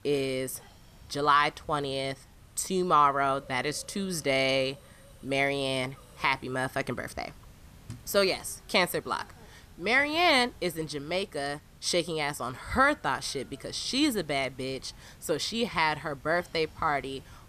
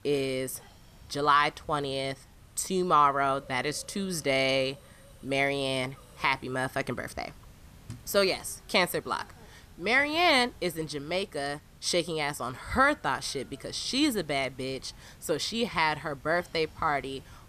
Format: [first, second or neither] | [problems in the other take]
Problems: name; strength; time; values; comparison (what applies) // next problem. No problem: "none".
neither | hiss; faint; throughout; 25 dB below the speech; the same in both